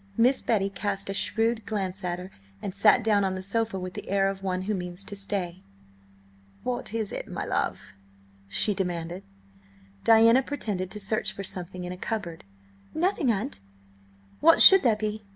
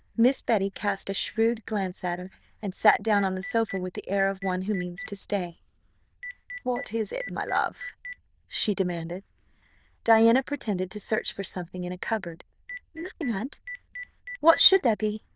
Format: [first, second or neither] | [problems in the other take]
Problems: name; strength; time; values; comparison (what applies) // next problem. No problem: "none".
first | noise reduction (neural diffusion model UNIVERSE++)